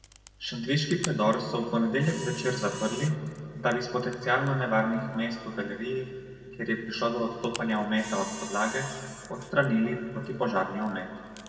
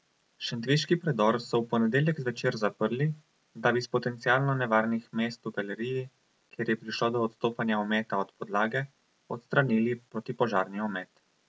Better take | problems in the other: second | background sound (Camera); 17 dB below the speech // room echo; dies away in 2.3 s

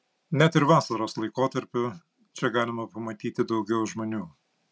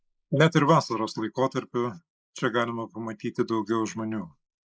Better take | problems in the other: first | noise reduction (neural mask model Resemble Enhance denoiser)

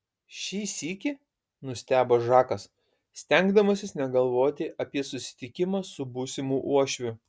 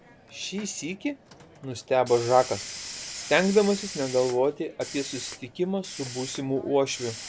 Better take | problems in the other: first | background sound (Hiss); 13 dB below the speech

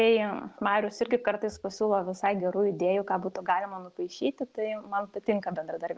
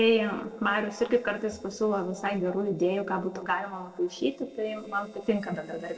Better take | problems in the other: first | noise reduction (neural separator model SepFormer DNS4)

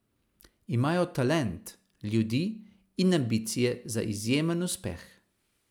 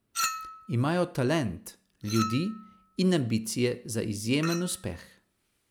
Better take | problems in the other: first | background sound (Chink, clink); 11 dB below the speech

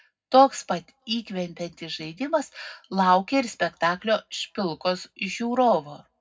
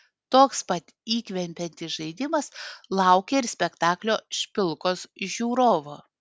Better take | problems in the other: second | room echo; dies away in 0.3 s

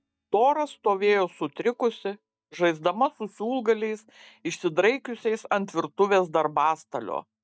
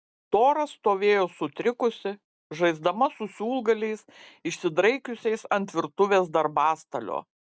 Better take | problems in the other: second | noise reduction (neural mask model DeepFilterNet 3)

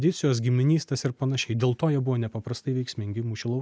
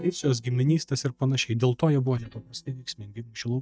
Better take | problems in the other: first | noise reduction (neural mask model DeepFilterNet 3)

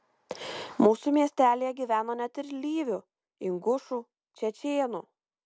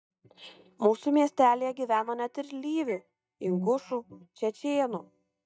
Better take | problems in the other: first | noise reduction (neural mask model DeepFilterNet 3)

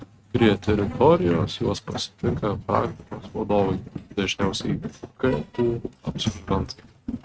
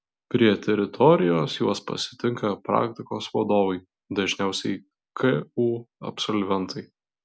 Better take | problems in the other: second | noise reduction (neural mask model RNNoise)

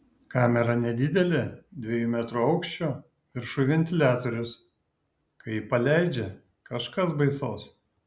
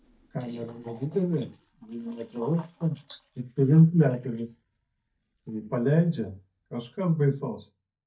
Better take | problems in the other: first | noise reduction (neural mask model DeepFilterNet 3)

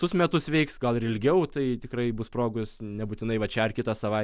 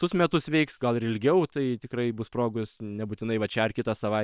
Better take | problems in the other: first | noise reduction (neural separator model SepFormer WHAM!)

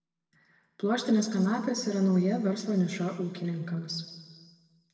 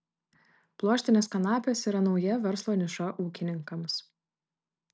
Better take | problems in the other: second | room echo; dies away in 1.4 s

